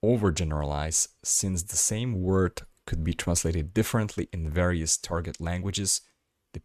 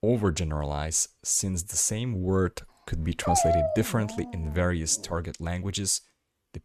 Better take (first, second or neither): first